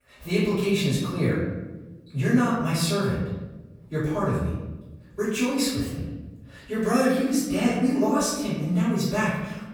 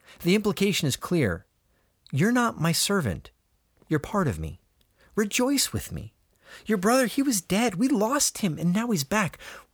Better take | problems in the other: second | off-mic speech; far // room echo; noticeable; dies away in 1.1 s

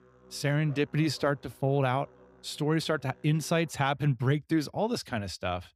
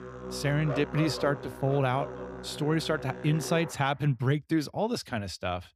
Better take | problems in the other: first | background music; loud; until 4 s; 10 dB below the speech; faint in the first

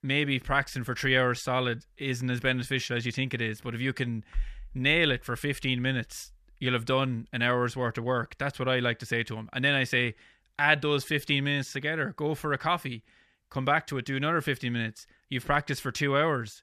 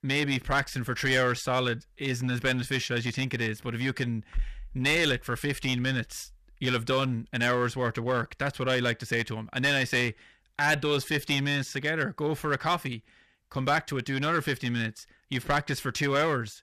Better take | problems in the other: first | distortion; slight; 5% of the sound clipped

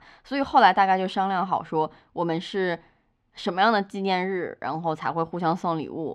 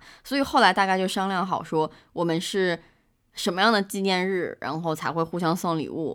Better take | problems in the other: second | muffled; slightly; fading above 3.5 kHz

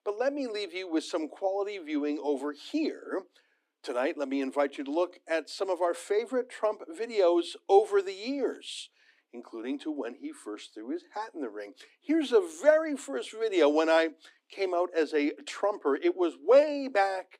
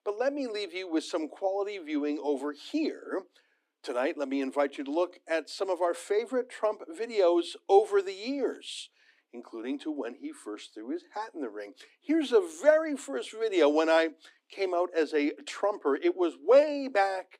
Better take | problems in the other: neither | thin; very slightly; fading below 250 Hz; the same in both

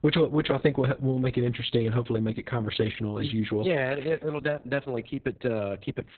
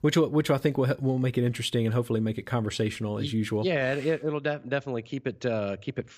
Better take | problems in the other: second | garbled, watery; badly; nothing above 4 kHz

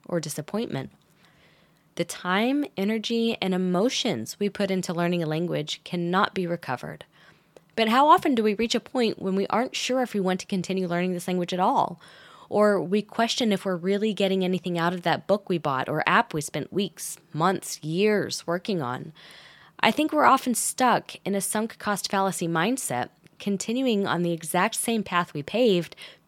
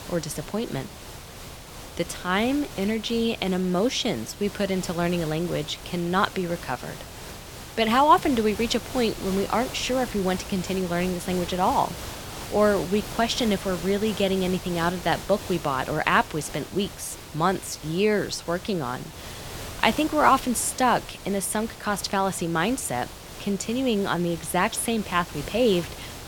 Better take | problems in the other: first | hiss; noticeable; throughout; 15 dB below the speech

